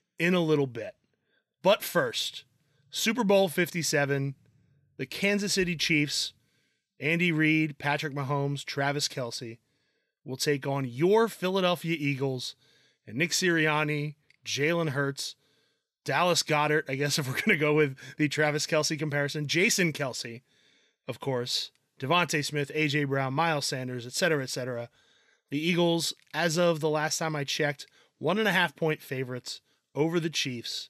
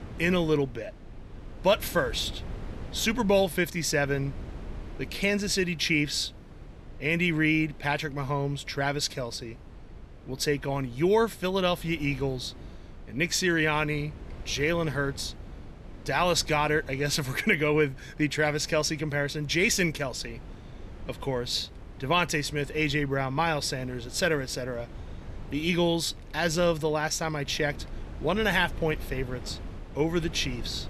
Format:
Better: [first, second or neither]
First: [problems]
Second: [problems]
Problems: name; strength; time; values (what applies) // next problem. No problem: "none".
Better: first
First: none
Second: wind noise on the microphone; occasional gusts; 25 dB below the speech